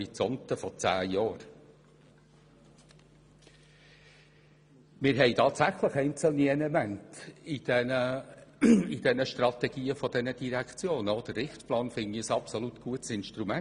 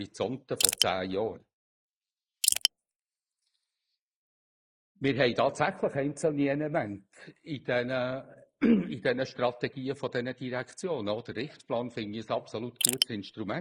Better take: first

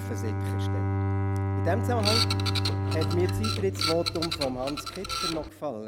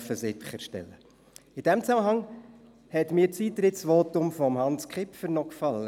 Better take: second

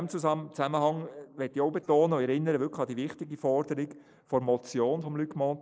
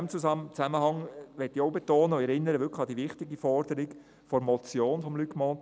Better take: second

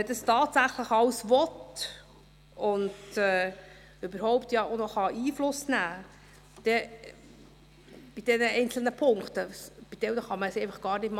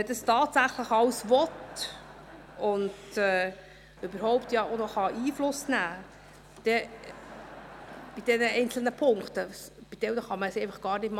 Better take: first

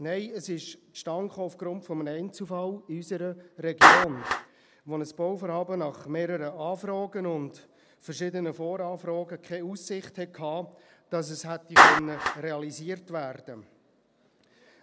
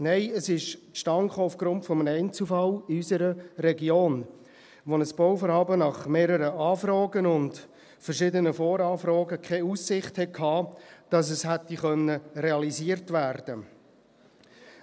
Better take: second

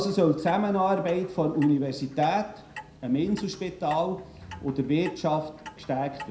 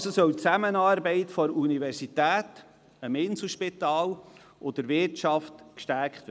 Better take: second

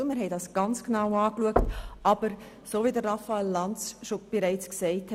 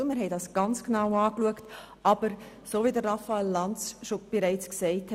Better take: second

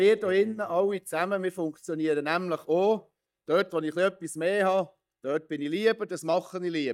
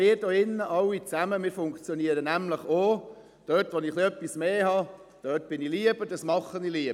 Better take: second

